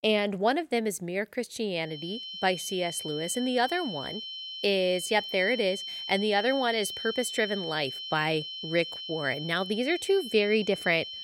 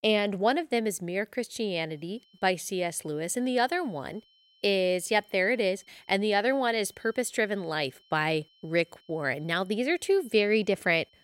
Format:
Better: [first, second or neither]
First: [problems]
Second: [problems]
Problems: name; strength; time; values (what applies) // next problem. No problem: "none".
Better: second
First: high-pitched whine; loud; from 2 s on; 3 kHz, 7 dB below the speech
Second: high-pitched whine; faint; from 2 s on; 3 kHz, 35 dB below the speech